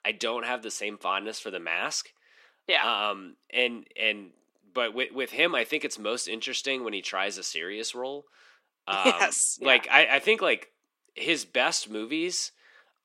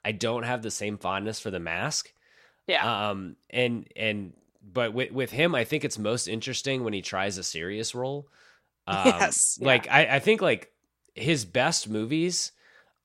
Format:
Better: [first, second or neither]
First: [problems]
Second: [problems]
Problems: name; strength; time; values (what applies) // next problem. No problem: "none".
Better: second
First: thin; somewhat; fading below 250 Hz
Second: none